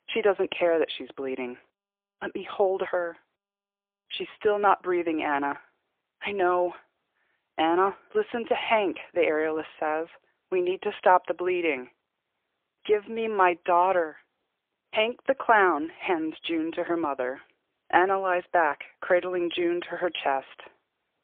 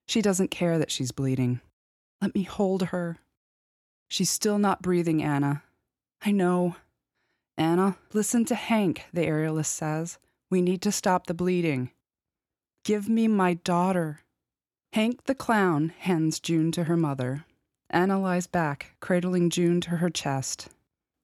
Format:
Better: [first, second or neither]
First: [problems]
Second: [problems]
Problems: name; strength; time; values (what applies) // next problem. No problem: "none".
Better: second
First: phone-call audio; poor line; nothing above 3.5 kHz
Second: none